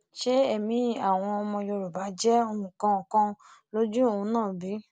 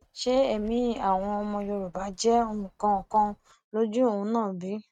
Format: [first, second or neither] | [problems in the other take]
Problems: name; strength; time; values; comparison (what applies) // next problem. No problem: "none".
first | noise reduction (neural mask model RNNoise)